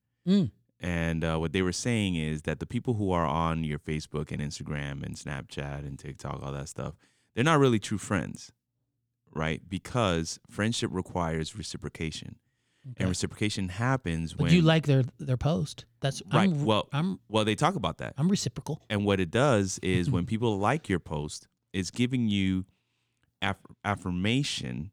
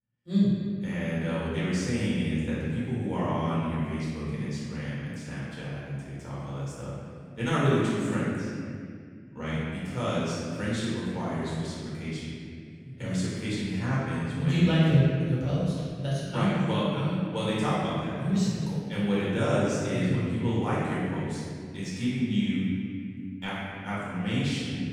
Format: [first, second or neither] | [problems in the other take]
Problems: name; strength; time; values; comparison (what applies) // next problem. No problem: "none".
first | room echo; strong; dies away in 2.2 s // off-mic speech; far